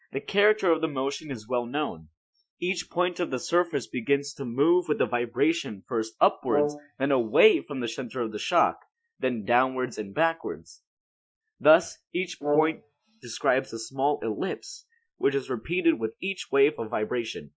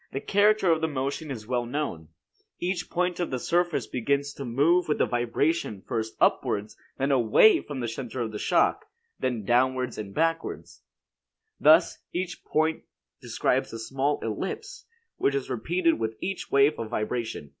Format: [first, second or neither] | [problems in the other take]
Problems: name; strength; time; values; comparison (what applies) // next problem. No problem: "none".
second | noise reduction (classical method Wiener filter)